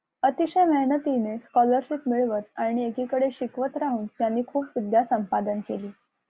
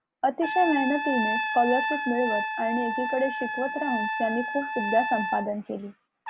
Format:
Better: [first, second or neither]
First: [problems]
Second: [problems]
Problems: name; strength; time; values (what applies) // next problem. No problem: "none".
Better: first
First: none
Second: background sound (Trumpet); 3 dB below the speech